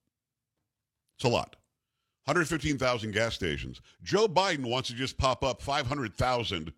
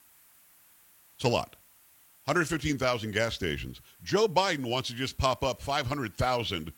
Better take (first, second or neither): first